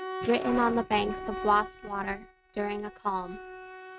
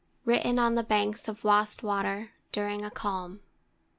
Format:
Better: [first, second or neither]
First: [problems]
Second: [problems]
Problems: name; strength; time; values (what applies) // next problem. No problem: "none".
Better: second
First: noise reduction (neural mask model RNNoise)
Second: none